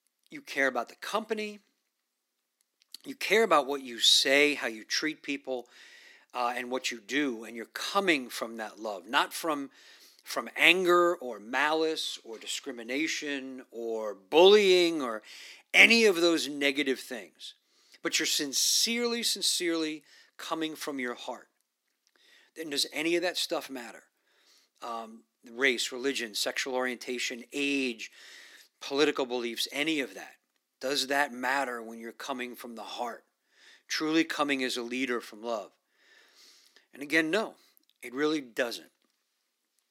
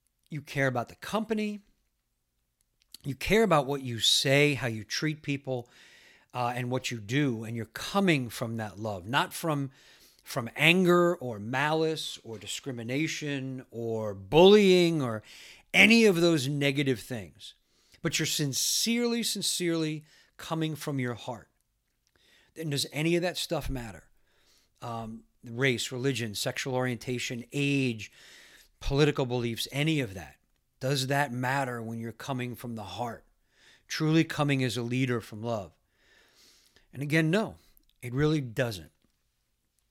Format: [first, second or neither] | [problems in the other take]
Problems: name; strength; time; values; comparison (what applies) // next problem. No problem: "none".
second | thin; somewhat; fading below 250 Hz